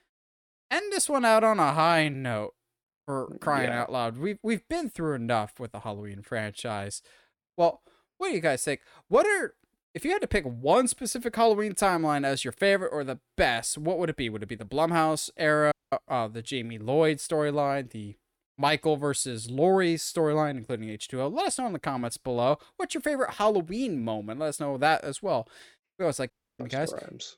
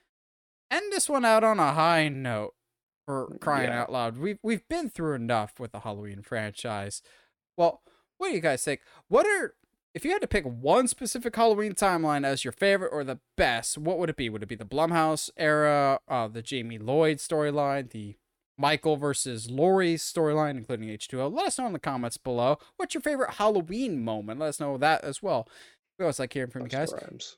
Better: second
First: audio cutting out; at 16 s and at 26 s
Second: none

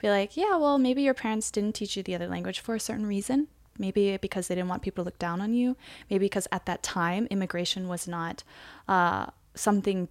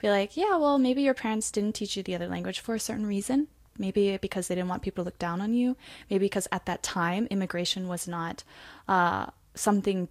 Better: first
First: none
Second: garbled, watery; slightly

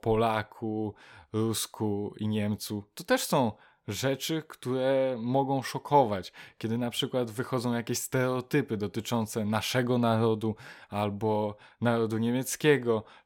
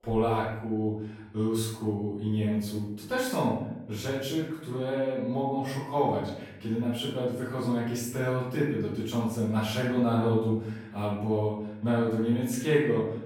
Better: first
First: none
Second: off-mic speech; far // room echo; noticeable; dies away in 0.9 s

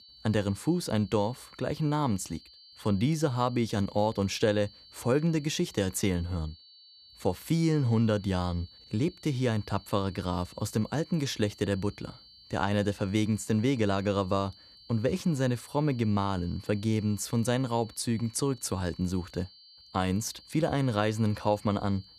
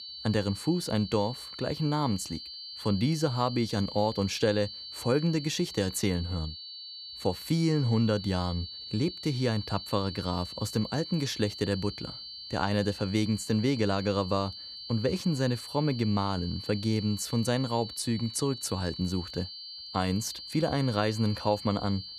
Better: first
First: high-pitched whine; faint; throughout; 4.5 kHz, 20 dB below the speech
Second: high-pitched whine; loud; throughout; 4.5 kHz, 10 dB below the speech

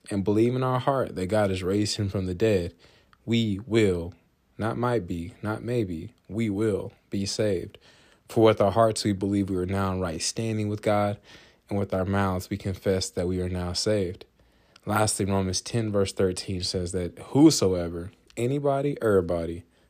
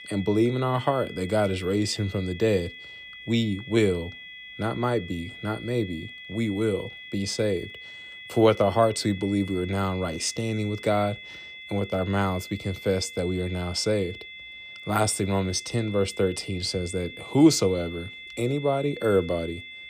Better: first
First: none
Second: high-pitched whine; noticeable; throughout; 2 kHz, 15 dB below the speech

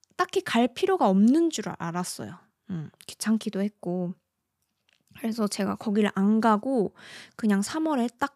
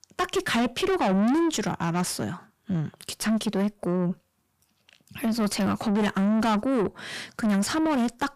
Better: first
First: none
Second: distortion; heavy; 6 dB below the speech

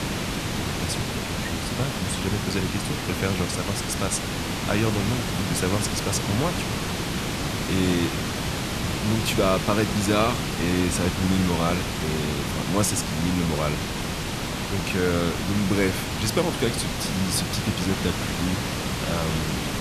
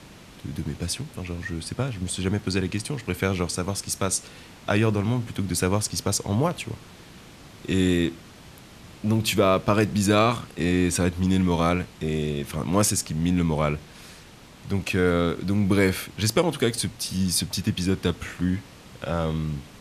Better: second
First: hiss; loud; throughout; 1 dB below the speech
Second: hiss; faint; throughout; 20 dB below the speech

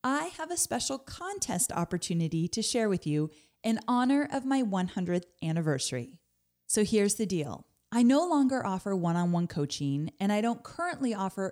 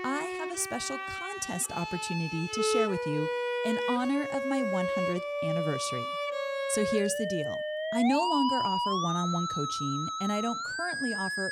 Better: first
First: none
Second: background music; very loud; throughout; 1 dB above the speech

